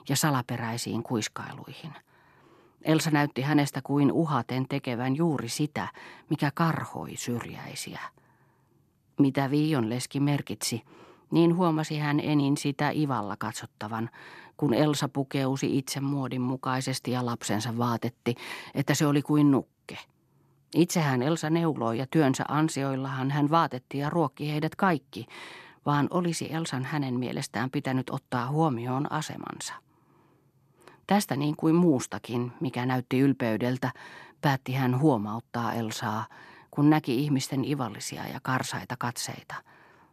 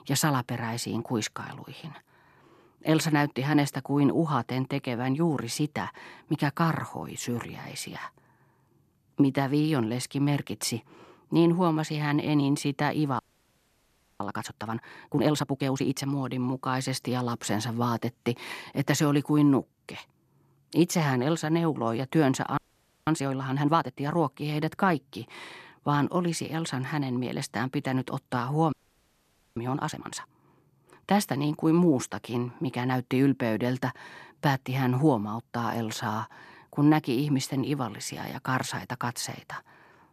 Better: first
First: none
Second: audio freezing; at 13 s for 1 s, at 23 s for 0.5 s and at 29 s for 1 s

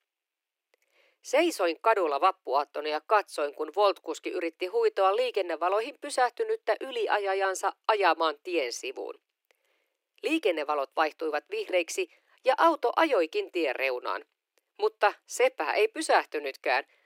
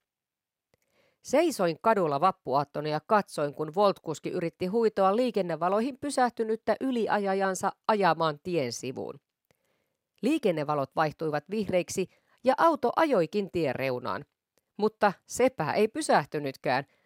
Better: second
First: thin; very; fading below 300 Hz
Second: none

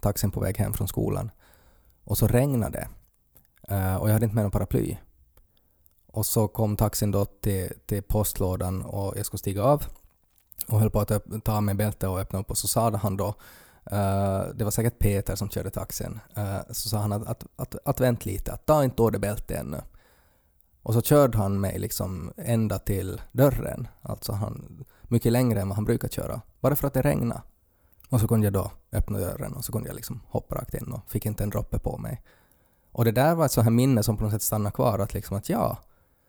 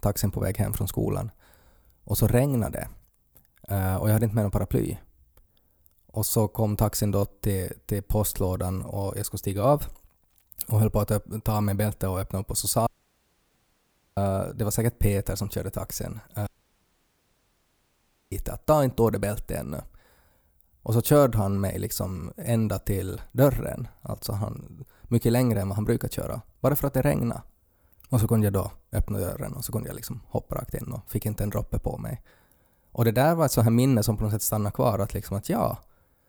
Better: first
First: none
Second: audio cutting out; at 13 s for 1.5 s and at 16 s for 2 s

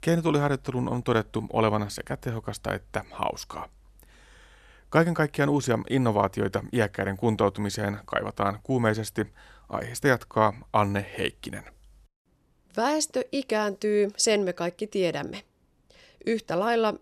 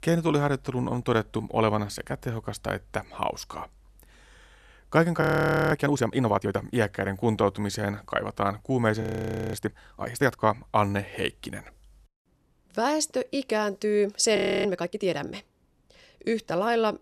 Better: first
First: none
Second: audio freezing; at 5 s, at 9 s for 0.5 s and at 14 s

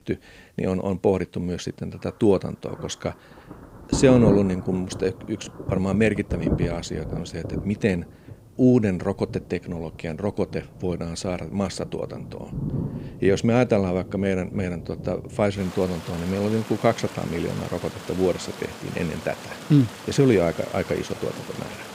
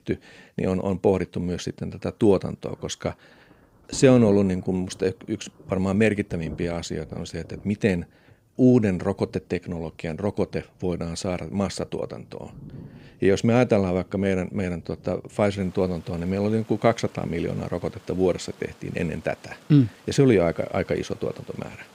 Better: second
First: rain or running water; loud; throughout; 9 dB below the speech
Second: rain or running water; faint; throughout; 20 dB below the speech

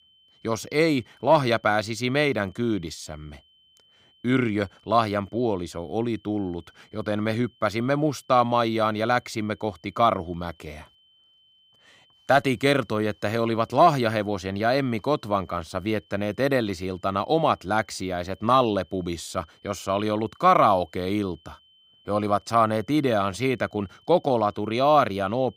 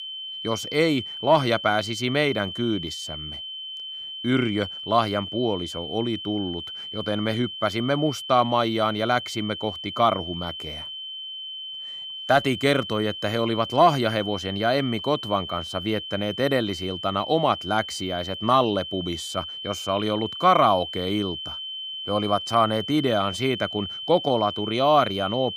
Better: first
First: high-pitched whine; faint; throughout; 3 kHz, 35 dB below the speech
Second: high-pitched whine; loud; throughout; 3 kHz, 8 dB below the speech

